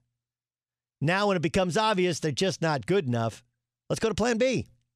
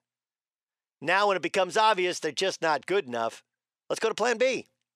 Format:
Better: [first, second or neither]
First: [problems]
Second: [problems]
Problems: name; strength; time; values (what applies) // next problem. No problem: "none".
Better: first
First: none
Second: thin; somewhat; fading below 400 Hz